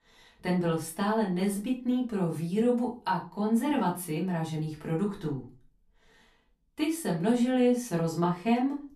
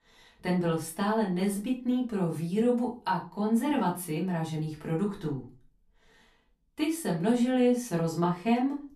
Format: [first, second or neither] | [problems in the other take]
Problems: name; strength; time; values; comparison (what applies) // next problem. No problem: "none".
neither | off-mic speech; far; the same in both // room echo; very slight; dies away in 0.3 s; the same in both